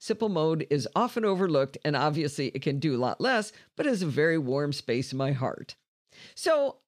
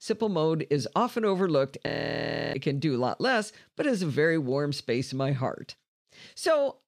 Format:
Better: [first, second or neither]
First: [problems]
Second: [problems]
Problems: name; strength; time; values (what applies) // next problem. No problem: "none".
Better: first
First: none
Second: audio freezing; at 2 s for 0.5 s